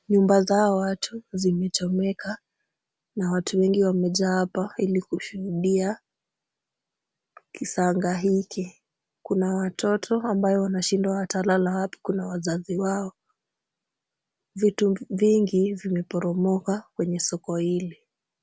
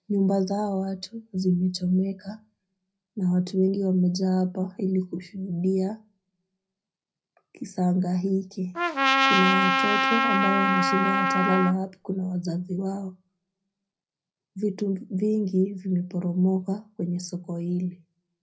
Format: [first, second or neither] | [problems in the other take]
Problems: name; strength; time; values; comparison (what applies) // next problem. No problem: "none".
first | background sound (Trumpet); 4 dB above the speech // room echo; dies away in 0.4 s